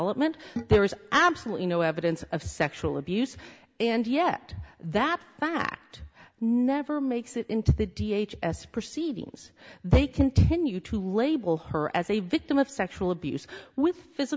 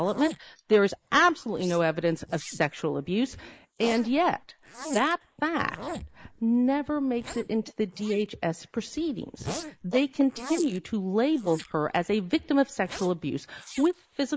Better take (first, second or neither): first